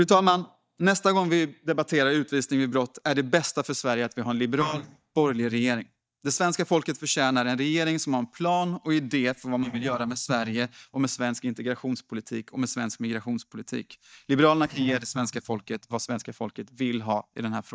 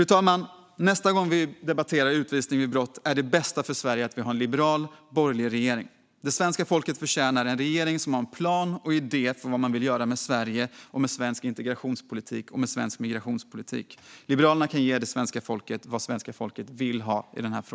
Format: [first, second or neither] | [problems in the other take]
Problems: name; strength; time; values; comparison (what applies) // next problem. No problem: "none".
second | noise reduction (neural mask model DeepFilterNet 3)